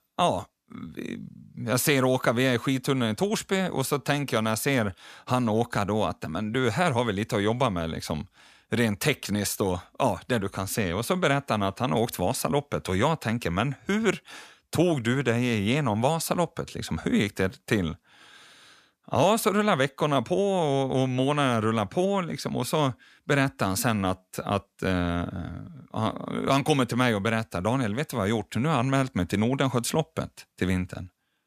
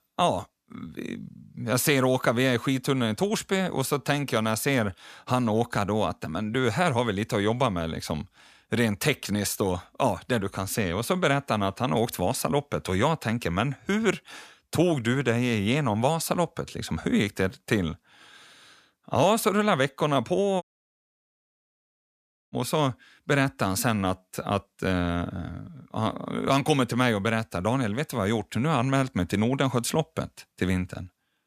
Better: first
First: none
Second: audio cutting out; at 21 s for 2 s

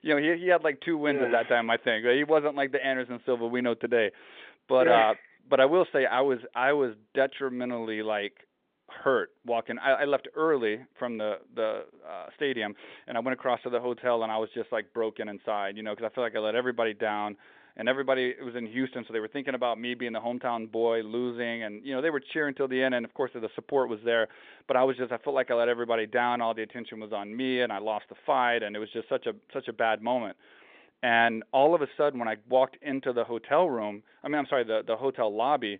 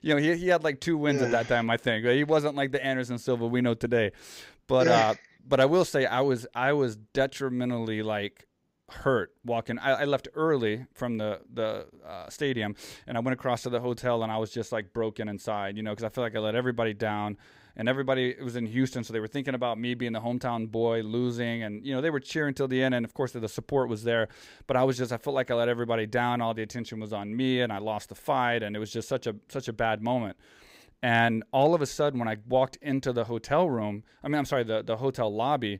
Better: second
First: phone-call audio; nothing above 3.5 kHz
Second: none

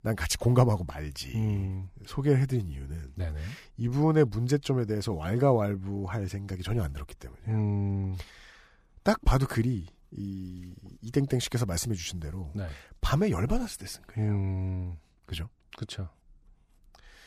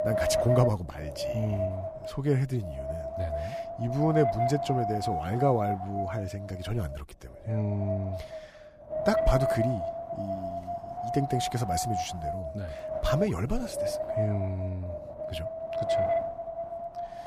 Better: first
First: none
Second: wind noise on the microphone; heavy; 4 dB above the speech

